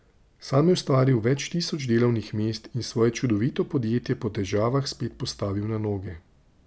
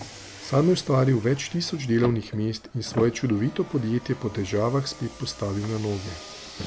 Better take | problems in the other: first | background sound (Car); 15 dB below the speech

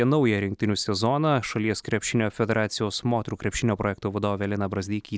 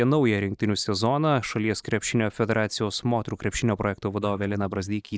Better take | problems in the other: first | noise reduction (neural mask model Resemble Enhance denoiser)

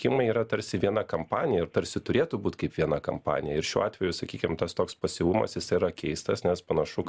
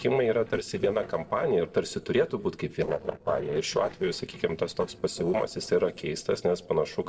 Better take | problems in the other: first | noise reduction (neural separator model SepFormer DNS4)

